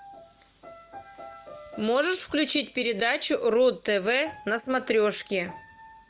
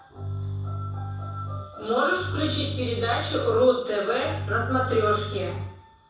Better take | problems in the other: first | background sound (Bowed string instrument); 6 dB below the speech // room echo; dies away in 0.7 s

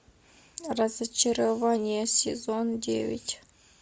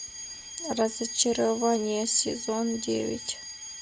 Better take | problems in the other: first | background sound (Alarm); 11 dB below the speech

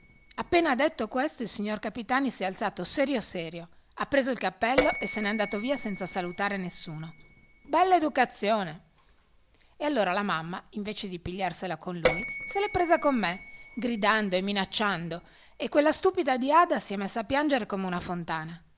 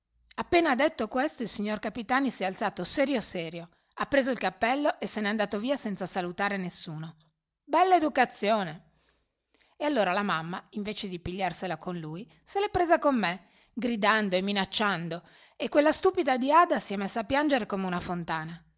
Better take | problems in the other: second | background sound (Bell); 12 dB below the speech

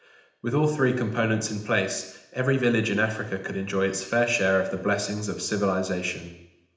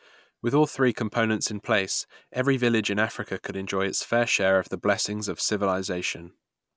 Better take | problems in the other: second | room echo; dies away in 0.8 s

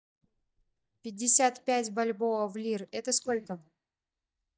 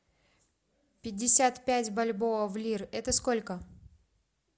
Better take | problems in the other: second | noise reduction (neural mask model DeepFilterNet 3)

